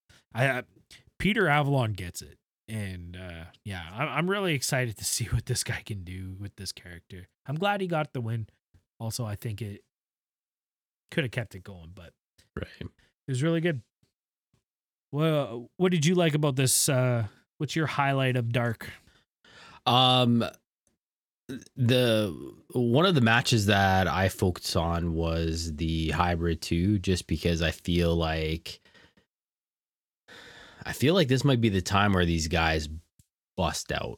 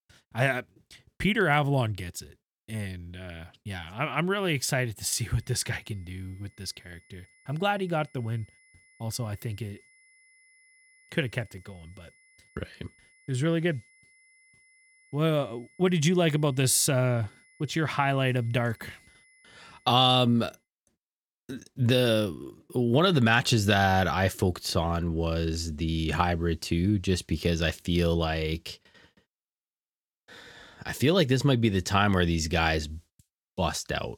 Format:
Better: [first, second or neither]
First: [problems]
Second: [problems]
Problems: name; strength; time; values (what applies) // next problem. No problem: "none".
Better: first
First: none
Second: high-pitched whine; faint; from 5 to 21 s; 2 kHz, 30 dB below the speech